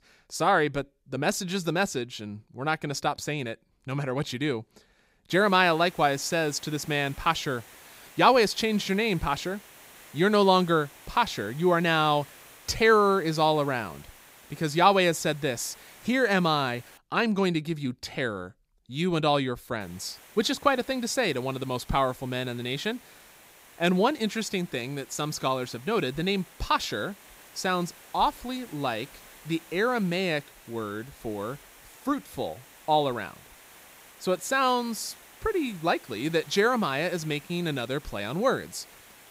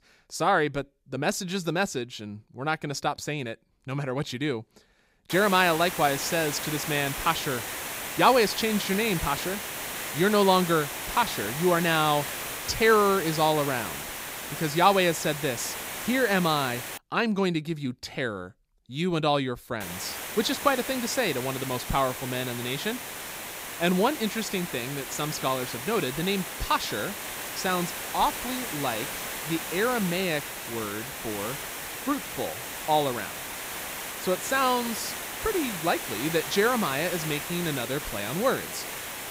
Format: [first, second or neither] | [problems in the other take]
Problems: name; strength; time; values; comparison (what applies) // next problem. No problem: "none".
first | hiss; loud; from 5.5 to 17 s and from 20 s on; 6 dB below the speech; faint in the first